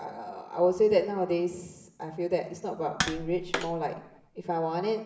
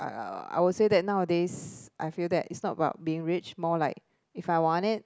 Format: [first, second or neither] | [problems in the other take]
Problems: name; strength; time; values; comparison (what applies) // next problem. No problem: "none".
second | background sound (Tap); 7 dB below the speech // room echo; dies away in 0.8 s